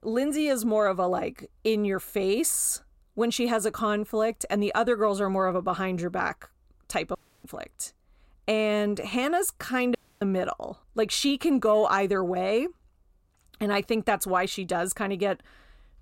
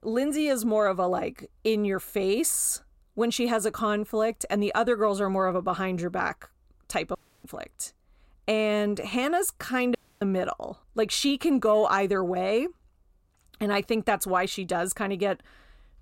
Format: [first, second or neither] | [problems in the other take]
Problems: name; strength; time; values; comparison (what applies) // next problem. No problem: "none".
neither | audio cutting out; at 7 s and at 10 s; the same in both